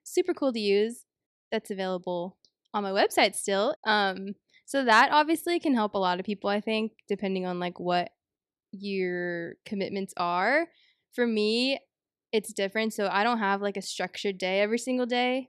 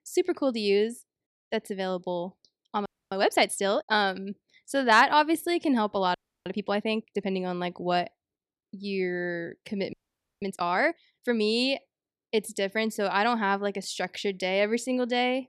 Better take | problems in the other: first | audio freezing; at 3 s, at 6 s and at 10 s

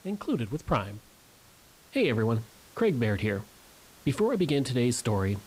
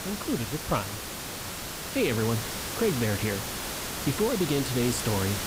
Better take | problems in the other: first | hiss; loud; throughout; 4 dB below the speech; faint in the first

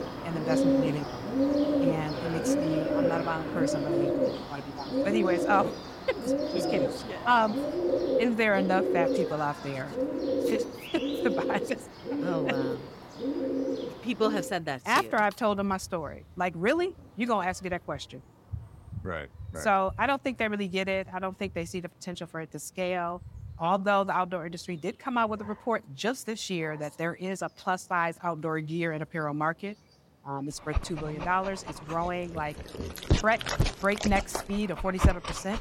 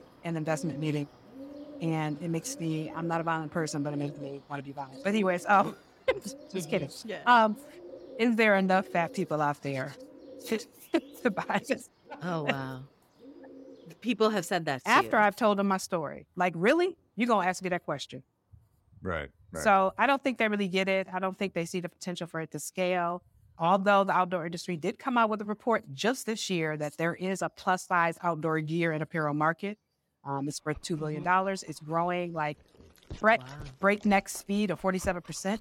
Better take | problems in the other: second | animal sounds; loud; throughout; as loud as the speech; faint in the second

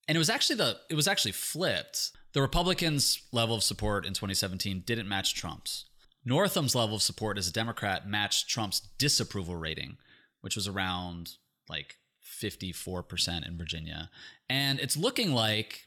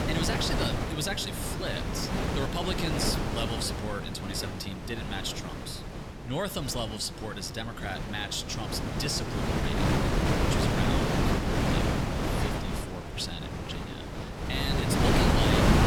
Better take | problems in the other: first | wind noise on the microphone; heavy; 2 dB above the speech

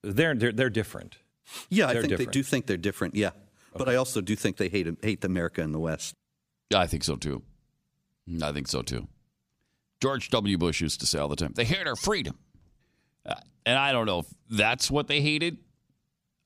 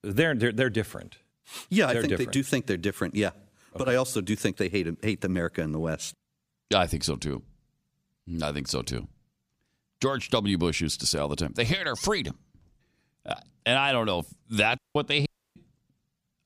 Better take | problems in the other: first | audio cutting out; at 15 s

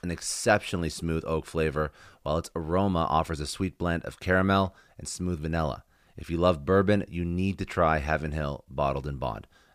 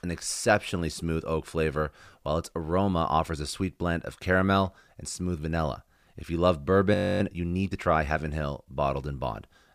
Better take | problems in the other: first | audio freezing; at 7 s

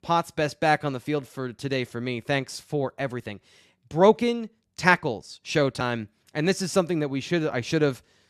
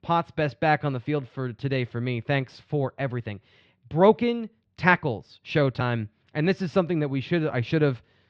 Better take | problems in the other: first | muffled; slightly; fading above 3.5 kHz

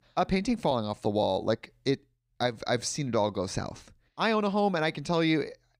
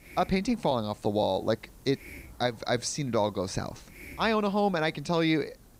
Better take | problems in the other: first | hiss; faint; throughout; 20 dB below the speech

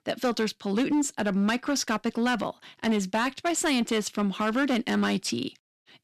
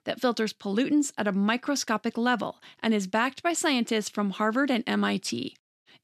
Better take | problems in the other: second | distortion; slight; 10% of the sound clipped

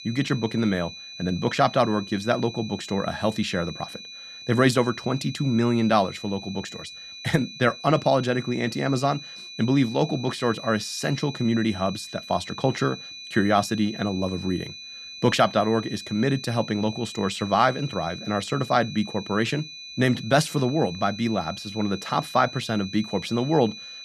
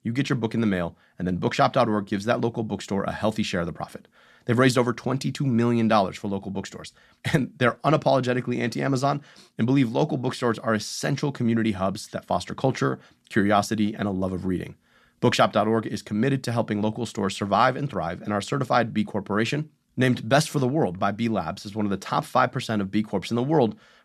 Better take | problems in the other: second | high-pitched whine; noticeable; throughout; 4 kHz, 15 dB below the speech

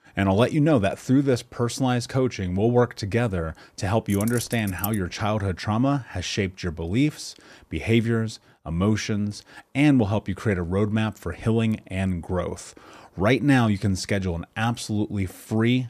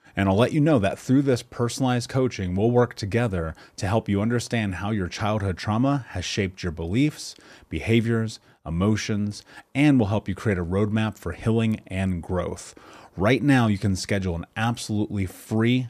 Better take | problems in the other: second | jangling keys; noticeable; at 4 s; peak 9 dB below the speech

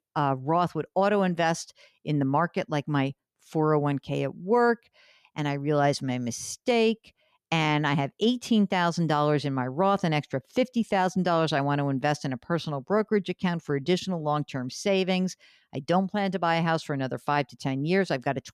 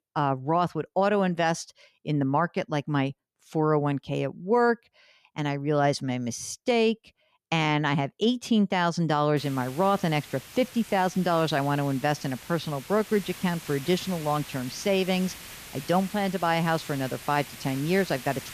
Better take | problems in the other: first | hiss; noticeable; from 9.5 s on; 15 dB below the speech

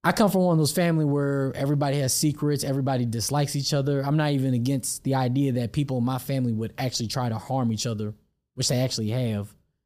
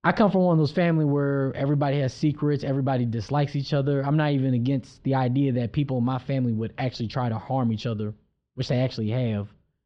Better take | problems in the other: first | muffled; slightly; fading above 3.5 kHz

